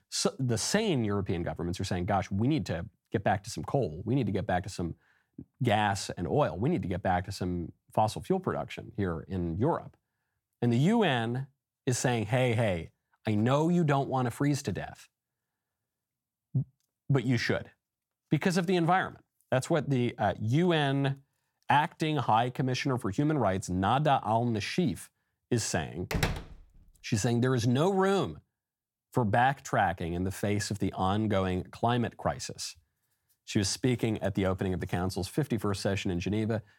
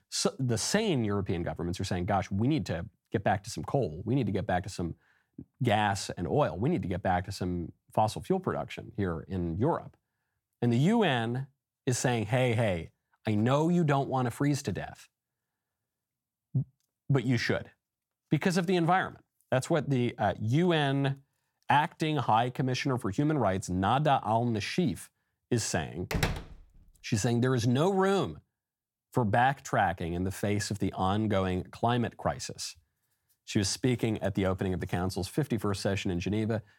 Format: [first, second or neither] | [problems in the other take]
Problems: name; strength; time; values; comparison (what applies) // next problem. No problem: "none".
neither | door banging; noticeable; at 26 s; peak 2 dB below the speech; the same in both